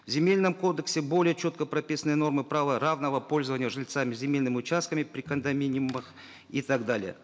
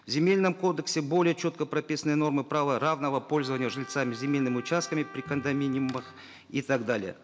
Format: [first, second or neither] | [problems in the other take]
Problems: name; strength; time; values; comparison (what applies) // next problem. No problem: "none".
first | background sound (Trumpet); 18 dB below the speech